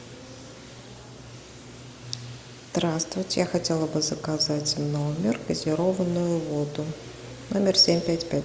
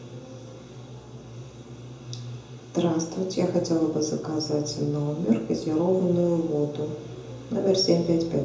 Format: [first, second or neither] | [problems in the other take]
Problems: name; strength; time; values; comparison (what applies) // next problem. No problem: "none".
first | room echo; dies away in 0.6 s